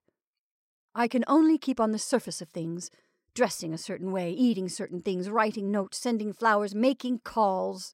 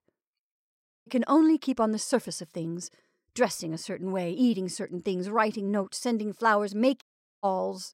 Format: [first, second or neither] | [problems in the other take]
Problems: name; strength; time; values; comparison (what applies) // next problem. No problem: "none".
first | audio cutting out; at 1 s and at 7 s